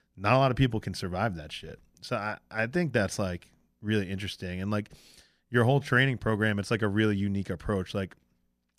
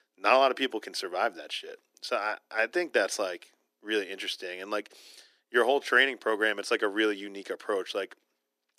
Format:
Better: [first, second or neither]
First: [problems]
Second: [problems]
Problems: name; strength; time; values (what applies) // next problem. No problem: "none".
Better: first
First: none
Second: thin; very; fading below 300 Hz